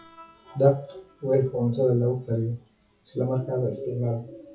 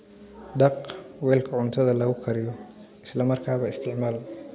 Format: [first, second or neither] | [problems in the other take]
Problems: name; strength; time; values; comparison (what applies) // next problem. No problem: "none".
second | noise reduction (classical method WPE with log-MMSE)